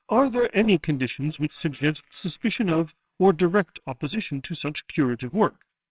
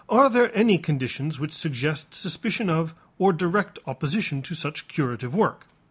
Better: second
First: noise reduction (neural separator model SepFormer WHAMR!)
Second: none

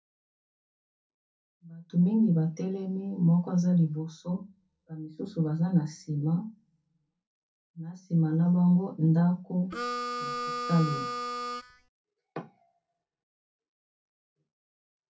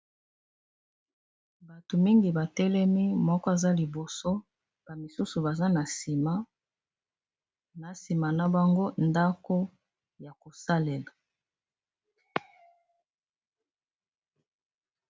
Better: second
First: background sound (Harmonica); 4 dB below the speech // room echo; dies away in 0.3 s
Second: none

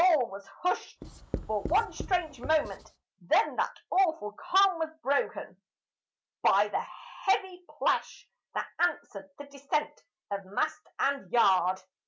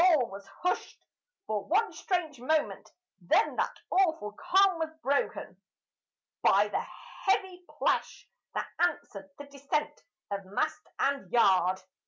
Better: second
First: background sound (Writing); 10 dB below the speech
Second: none

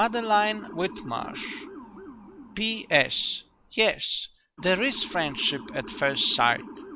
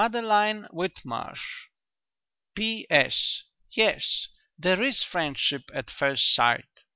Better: second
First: background sound (Motor vehicle (road) / Siren); 15 dB below the speech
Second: none

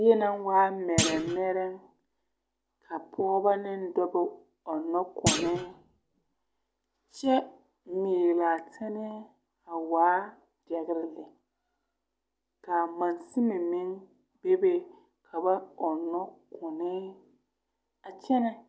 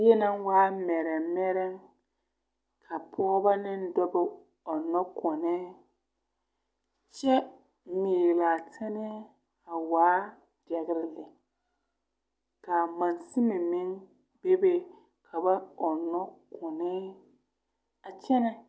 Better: second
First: background sound (Thump, thud); 3 dB below the speech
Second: none

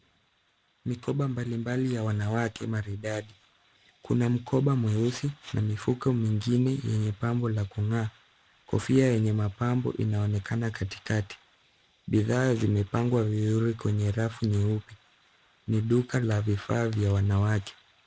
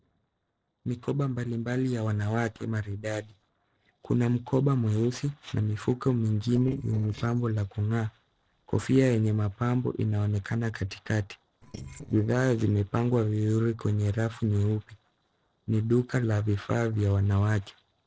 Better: first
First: none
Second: noise reduction (neural separator model SepFormer DNS4)

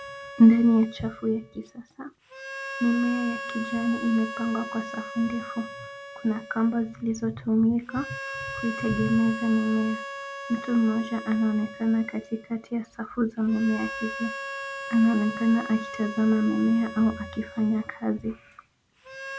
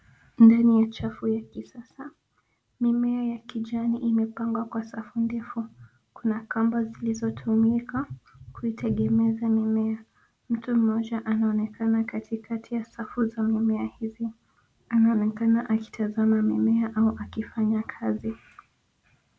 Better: second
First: background sound (Harmonica); 12 dB below the speech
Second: none

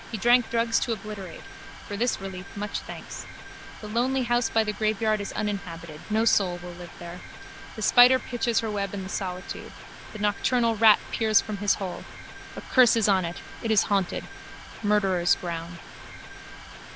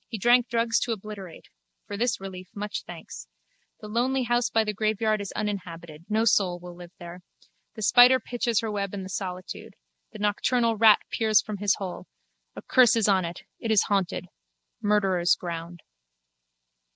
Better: second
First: background sound (Mechanisms); 13 dB below the speech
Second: none

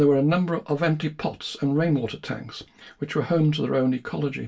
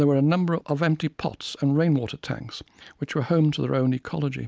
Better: second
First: room echo; dies away in 0.2 s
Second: none

